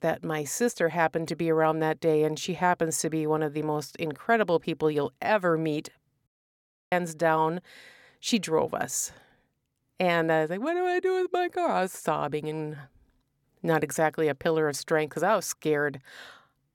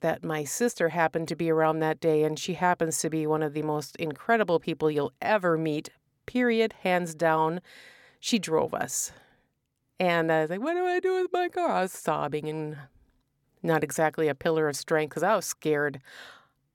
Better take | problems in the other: second | audio cutting out; at 6.5 s for 0.5 s

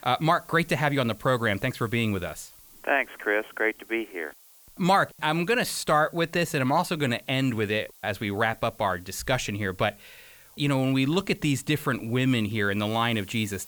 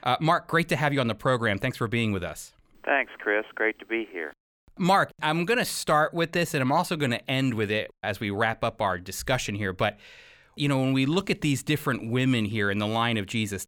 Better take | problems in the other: second | hiss; faint; throughout; 25 dB below the speech

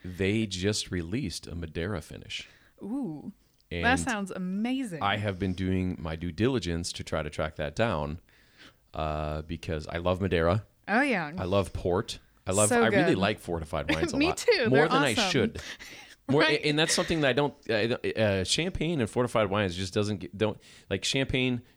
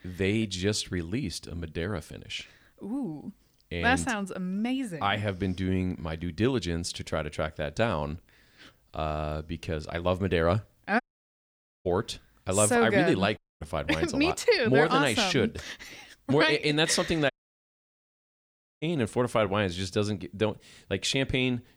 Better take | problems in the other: first | audio cutting out; at 11 s for 1 s, at 13 s and at 17 s for 1.5 s

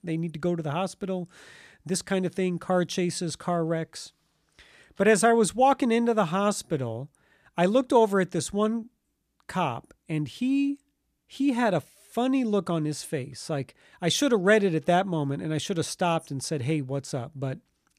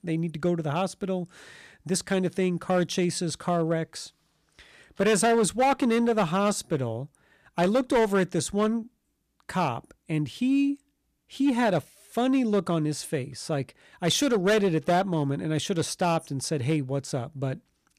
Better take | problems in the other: first | distortion; slight; 5% of the sound clipped

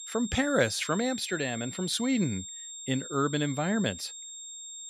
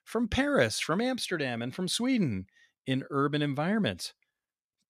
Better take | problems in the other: second | high-pitched whine; loud; throughout; 7.5 kHz, 10 dB below the speech

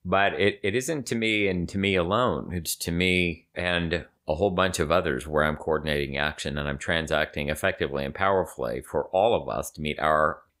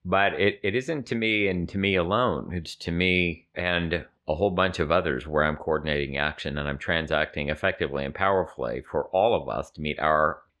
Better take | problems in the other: first | muffled; very slightly; fading above 3 kHz

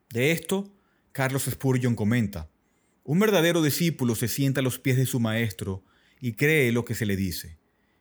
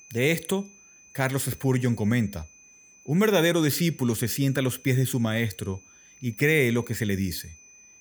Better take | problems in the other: first | high-pitched whine; faint; throughout; 6 kHz, 25 dB below the speech

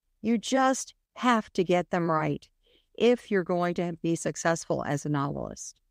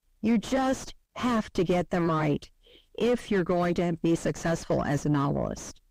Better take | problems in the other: first | distortion; heavy; 3 dB below the speech

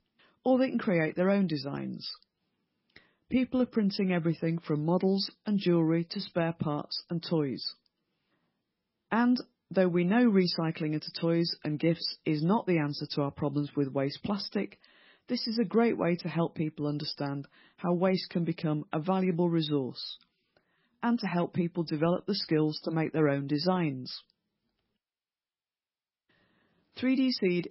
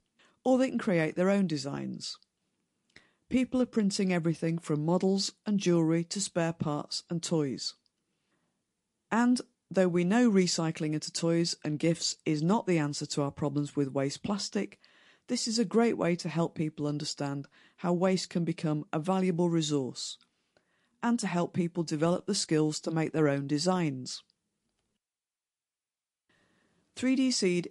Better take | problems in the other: second | garbled, watery; badly; nothing above 5.5 kHz; slightly in the second

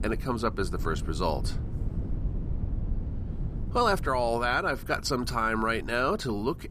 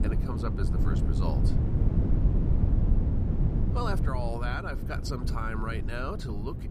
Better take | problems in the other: first | low rumble; loud; throughout; 4 dB below the speech; faint in the first

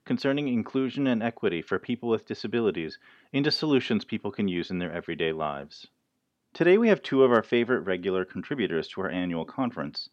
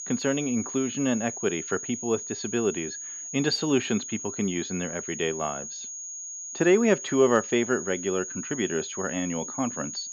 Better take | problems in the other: first | high-pitched whine; loud; throughout; 6.5 kHz, 7 dB below the speech

